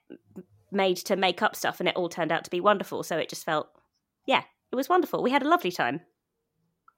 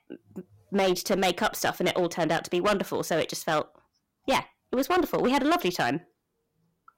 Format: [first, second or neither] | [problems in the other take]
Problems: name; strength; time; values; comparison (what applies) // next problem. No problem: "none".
first | distortion; heavy; 10% of the sound clipped